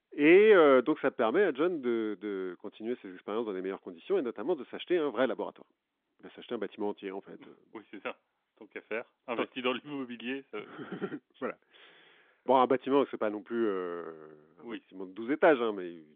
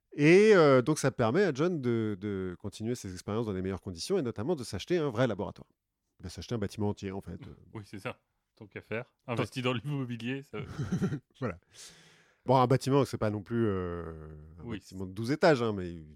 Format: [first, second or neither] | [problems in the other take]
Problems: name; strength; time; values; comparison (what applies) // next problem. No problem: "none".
second | phone-call audio; nothing above 3.5 kHz